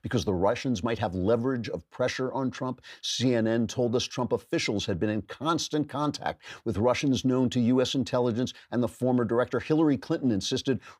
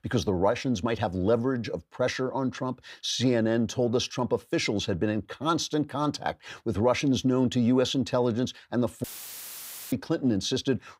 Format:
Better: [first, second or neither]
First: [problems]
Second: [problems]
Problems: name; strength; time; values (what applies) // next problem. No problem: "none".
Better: first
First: none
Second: audio cutting out; filled with static; at 9 s for 1 s